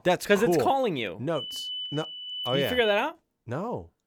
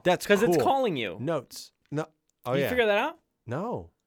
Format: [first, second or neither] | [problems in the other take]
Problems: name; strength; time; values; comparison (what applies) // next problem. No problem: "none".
second | high-pitched whine; loud; from 1.5 to 3 s; 3 kHz, 7 dB below the speech